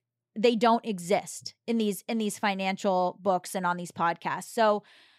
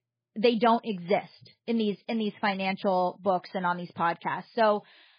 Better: first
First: none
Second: garbled, watery; badly; nothing above 4.5 kHz

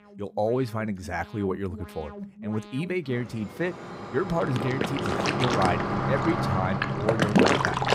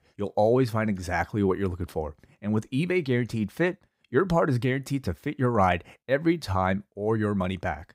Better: second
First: alarms or sirens; very loud; throughout; 4 dB above the speech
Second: none

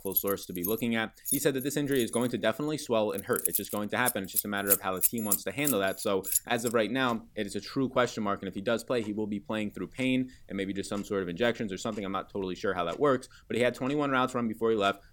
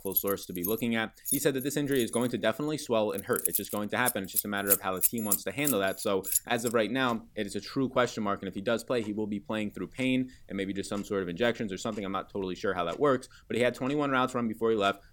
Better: neither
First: household noises; loud; throughout; as loud as the speech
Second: household noises; loud; throughout; as loud as the speech

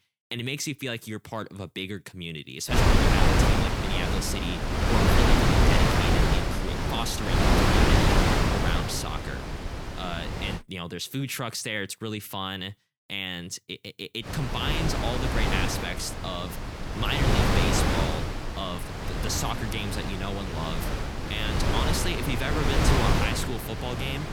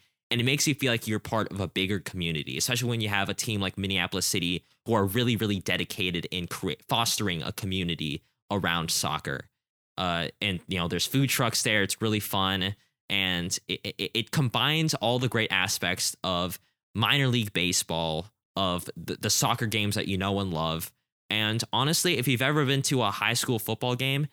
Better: second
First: wind noise on the microphone; heavy; from 2.5 to 11 s and from 14 s on; 4 dB above the speech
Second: none

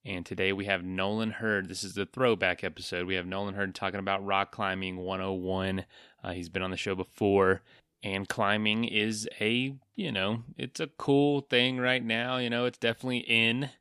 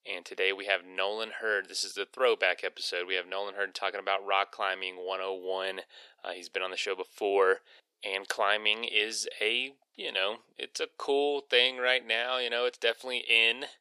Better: first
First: none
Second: thin; very; fading below 450 Hz

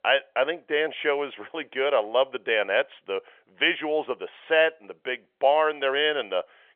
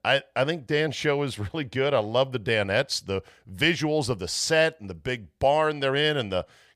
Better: second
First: phone-call audio; nothing above 3.5 kHz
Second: none

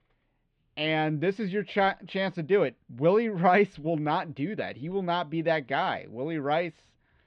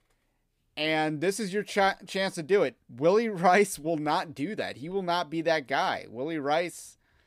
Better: second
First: muffled; slightly; fading above 3 kHz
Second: none

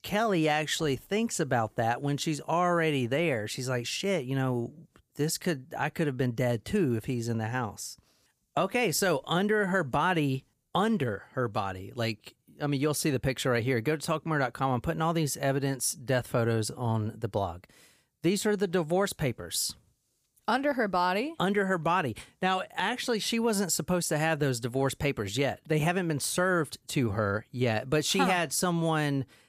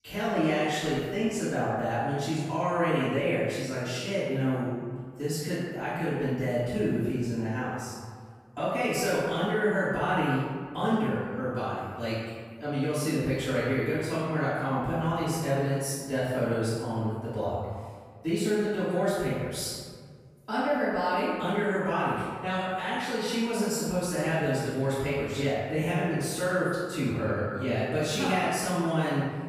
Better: first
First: none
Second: off-mic speech; far // room echo; strong; dies away in 1.6 s

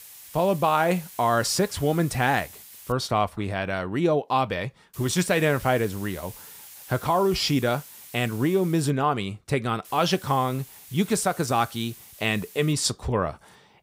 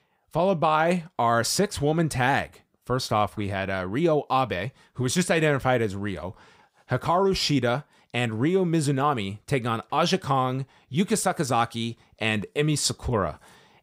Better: second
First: hiss; noticeable; until 3 s, from 5 to 9 s and from 10 to 13 s; 20 dB below the speech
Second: none

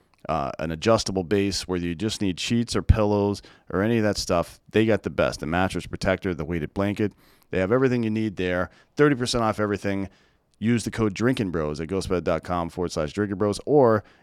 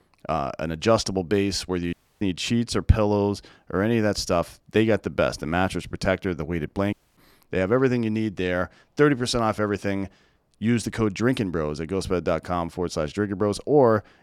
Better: first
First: none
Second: audio cutting out; at 2 s and at 7 s

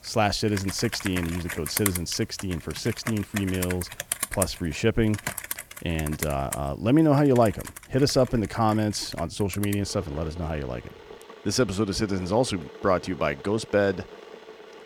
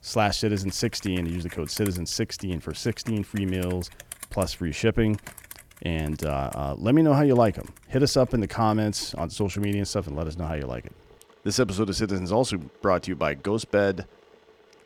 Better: second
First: household noises; loud; throughout; 10 dB below the speech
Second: household noises; faint; throughout; 20 dB below the speech

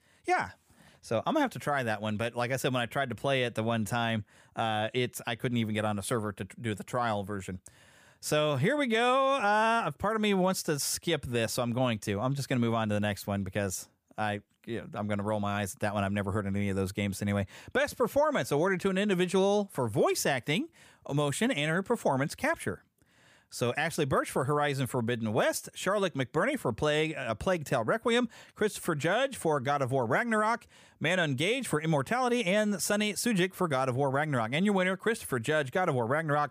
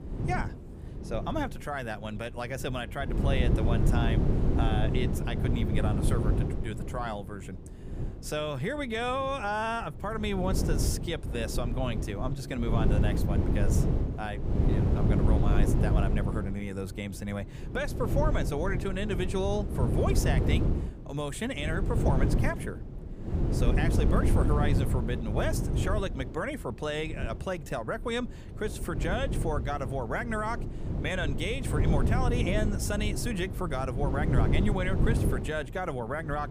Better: first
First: none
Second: wind noise on the microphone; heavy; 5 dB below the speech

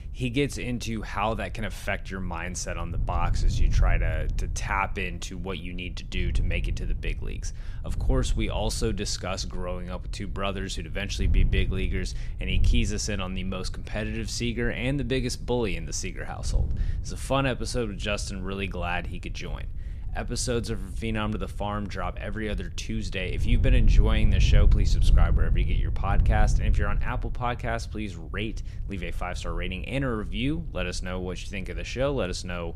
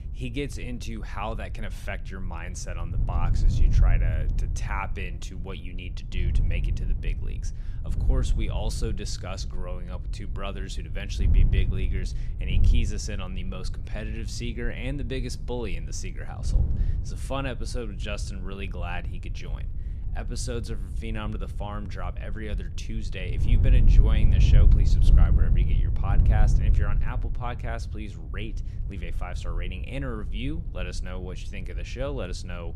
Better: first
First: wind noise on the microphone; occasional gusts; 15 dB below the speech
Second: wind noise on the microphone; heavy; 8 dB below the speech

